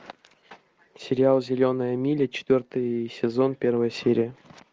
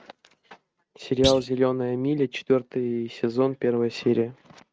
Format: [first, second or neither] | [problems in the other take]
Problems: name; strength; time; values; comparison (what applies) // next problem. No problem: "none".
first | noise reduction (neural mask model RNNoise)